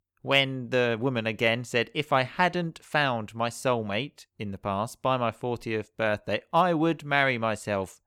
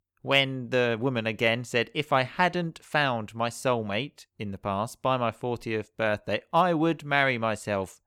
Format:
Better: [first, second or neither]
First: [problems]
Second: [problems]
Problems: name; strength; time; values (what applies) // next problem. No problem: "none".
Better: neither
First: none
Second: none